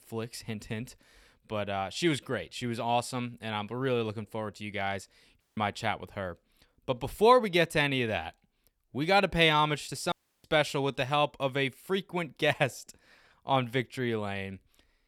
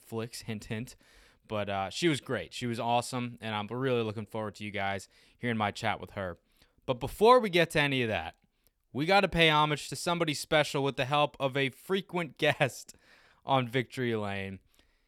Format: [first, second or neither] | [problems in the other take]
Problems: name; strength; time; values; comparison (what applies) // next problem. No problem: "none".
second | audio cutting out; at 5.5 s and at 10 s